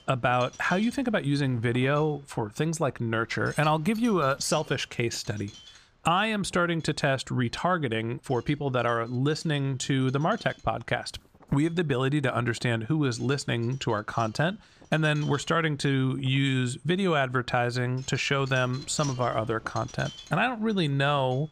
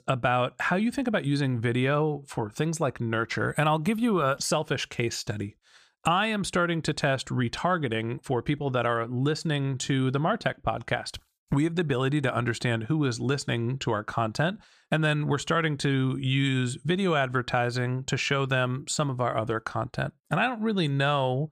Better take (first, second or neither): second